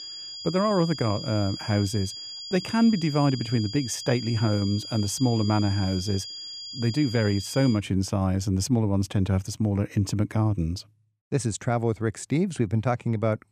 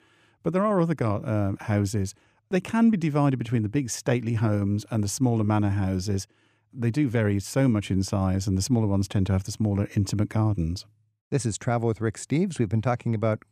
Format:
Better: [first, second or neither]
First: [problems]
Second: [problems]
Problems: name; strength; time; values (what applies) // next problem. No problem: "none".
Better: second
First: high-pitched whine; loud; until 8 s; 5 kHz, 9 dB below the speech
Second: none